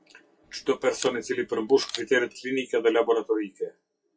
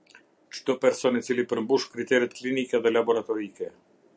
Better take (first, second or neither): second